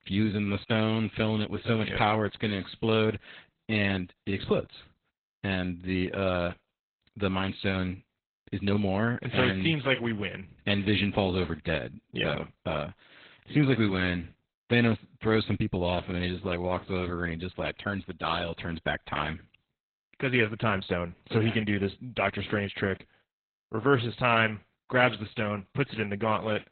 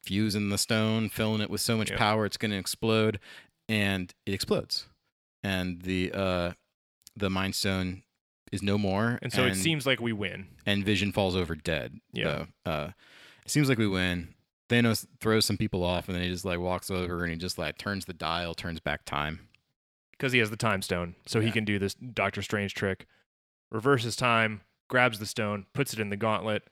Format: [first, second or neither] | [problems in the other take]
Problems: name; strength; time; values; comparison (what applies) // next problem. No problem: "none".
second | garbled, watery; badly; nothing above 4 kHz